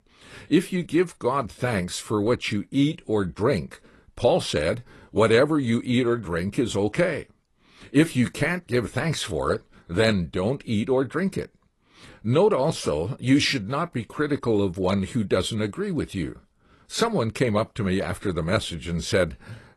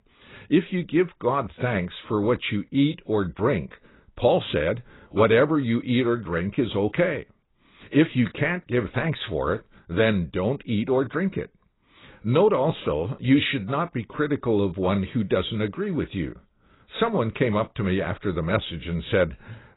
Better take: first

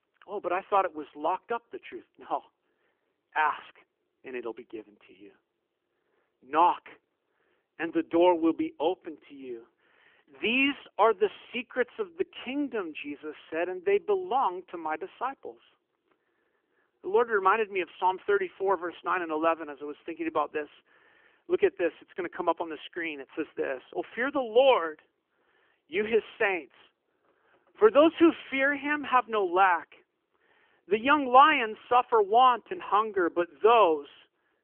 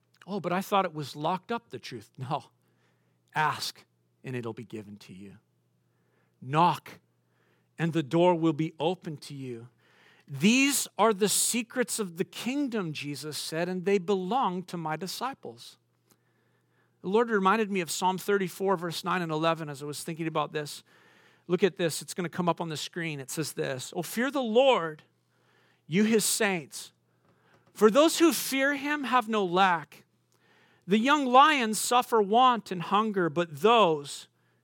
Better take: second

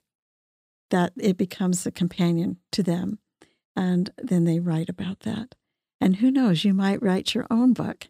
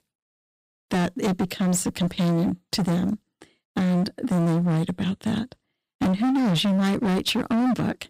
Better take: first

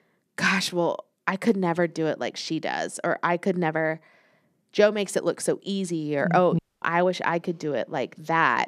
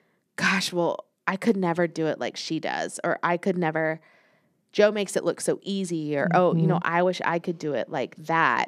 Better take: second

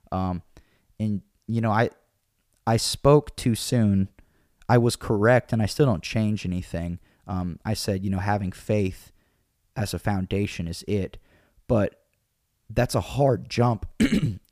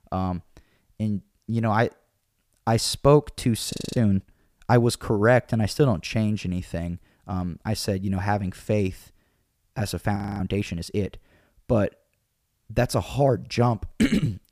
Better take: first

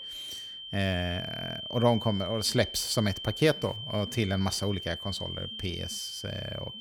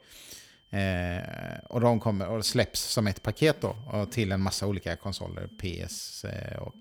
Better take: second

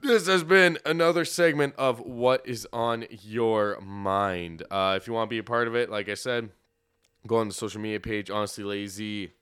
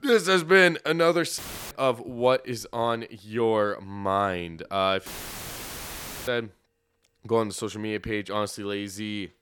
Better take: first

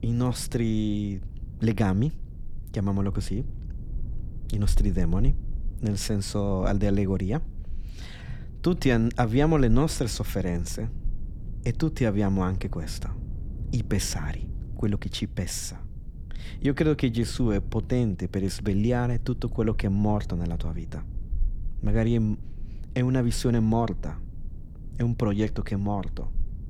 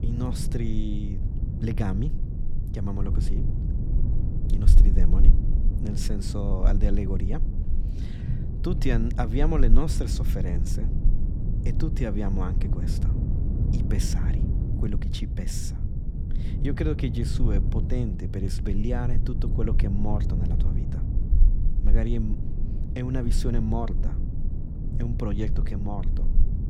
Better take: first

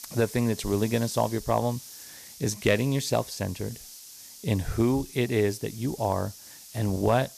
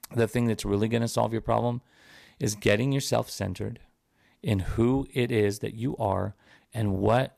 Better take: second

